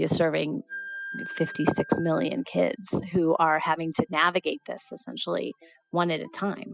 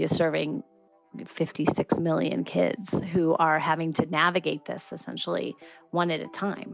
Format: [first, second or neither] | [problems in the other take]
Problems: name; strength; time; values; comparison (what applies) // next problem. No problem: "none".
second | noise reduction (classical method spectral subtraction)